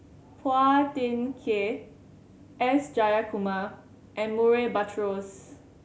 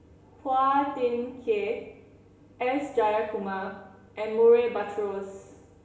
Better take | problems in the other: first | room echo; dies away in 0.8 s

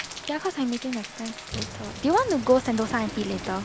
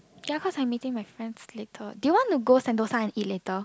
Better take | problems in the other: second | background sound (Rain + Fire); 11 dB below the speech

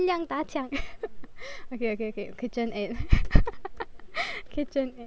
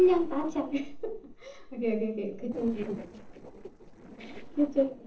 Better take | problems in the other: first | noise reduction (neural separator model SepFormer DNS4)

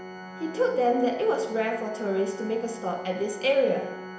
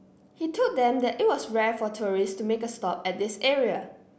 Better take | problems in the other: second | background sound (Organ); 14 dB below the speech // room echo; dies away in 0.8 s

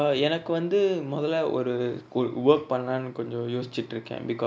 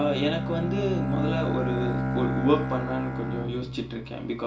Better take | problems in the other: first | background sound (Bowed string instrument); as loud as the speech // room echo; dies away in 0.2 s

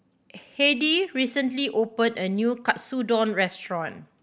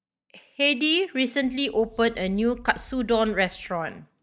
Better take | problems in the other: first | noise reduction (neural mask model DeepFilterNet 3)

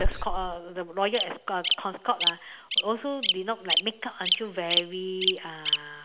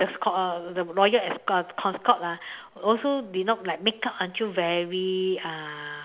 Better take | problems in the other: second | background sound (Bird vocalization, bird call, bird song); 2 dB above the speech

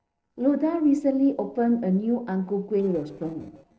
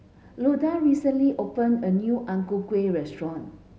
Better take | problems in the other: second | noise reduction (neural separator model SepFormer DNS4)

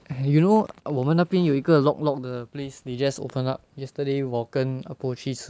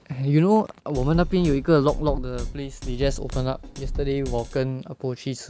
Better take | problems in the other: first | background sound (Drum kit); 6 dB below the speech

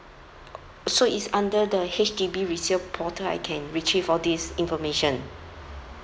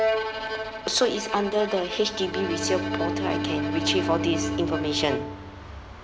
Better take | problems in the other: first | background sound (Bowed string instrument + Bowed string instrument); 2 dB below the speech

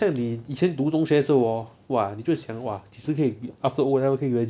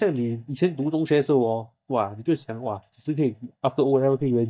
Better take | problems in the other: first | noise reduction (neural mask model DeepFilterNet 3)

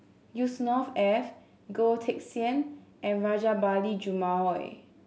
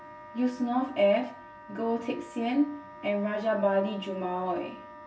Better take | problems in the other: first | background sound (Wind instrument, woodwind instrument); 17 dB below the speech // room echo; dies away in 0.1 s

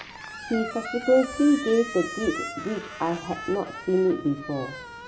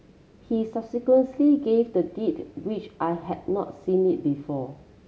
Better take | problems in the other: second | background sound (Squeak); 11 dB below the speech

